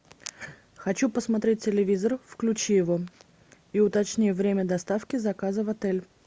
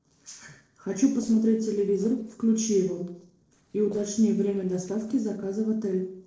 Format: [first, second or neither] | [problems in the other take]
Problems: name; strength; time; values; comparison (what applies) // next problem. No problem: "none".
first | noise reduction (neural separator model SepFormer DNS4)